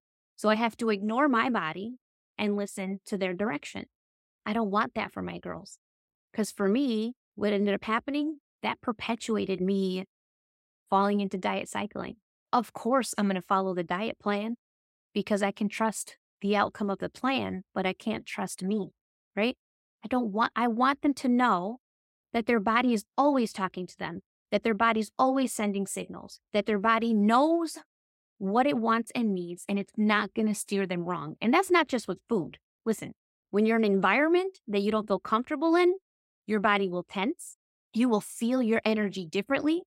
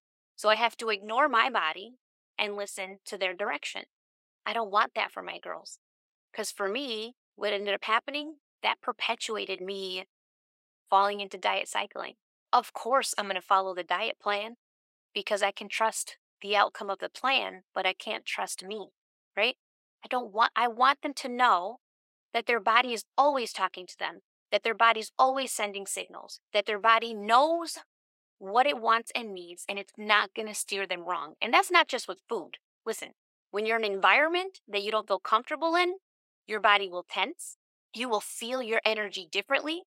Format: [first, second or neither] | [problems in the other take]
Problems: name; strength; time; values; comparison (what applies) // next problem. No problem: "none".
first | thin; very; fading below 650 Hz